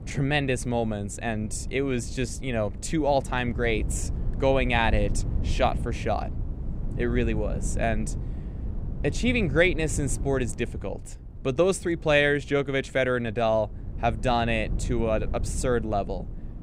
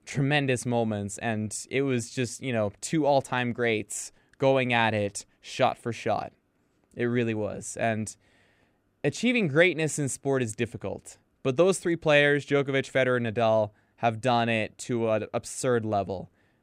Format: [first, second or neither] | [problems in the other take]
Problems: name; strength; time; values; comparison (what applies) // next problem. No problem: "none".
second | wind noise on the microphone; occasional gusts; 20 dB below the speech